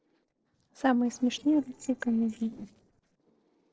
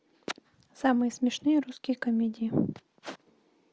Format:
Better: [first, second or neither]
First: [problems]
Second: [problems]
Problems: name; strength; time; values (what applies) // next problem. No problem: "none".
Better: second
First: noise reduction (neural separator model SepFormer DNS4)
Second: none